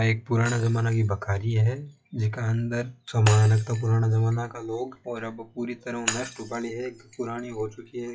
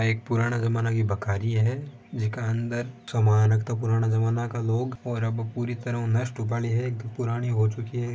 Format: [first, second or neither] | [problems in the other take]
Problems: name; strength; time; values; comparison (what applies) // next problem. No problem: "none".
second | noise reduction (classical method log-MMSE)